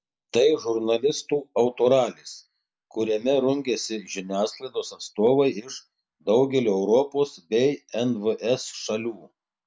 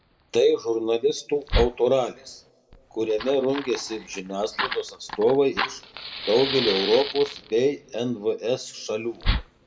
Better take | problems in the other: first | background sound (Fire); 7 dB below the speech // room echo; dies away in 0.3 s

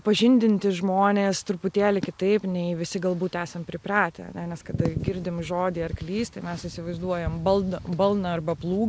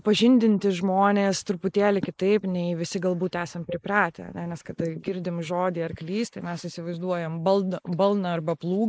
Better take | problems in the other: first | noise reduction (neural mask model Resemble Enhance denoiser)

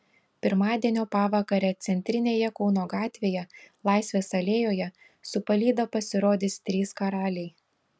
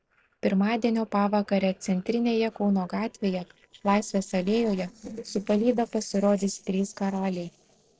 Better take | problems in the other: first | noise reduction (neural separator model SepFormer DNS4)

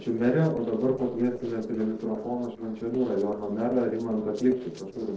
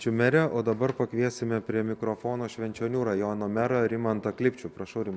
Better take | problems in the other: second | noise reduction (neural separator model SepFormer DNS4)

